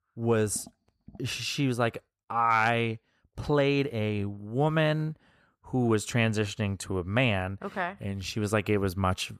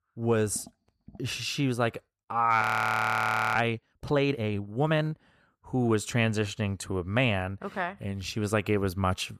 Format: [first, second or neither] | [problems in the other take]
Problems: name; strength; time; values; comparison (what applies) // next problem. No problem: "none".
first | audio freezing; at 2.5 s for 1 s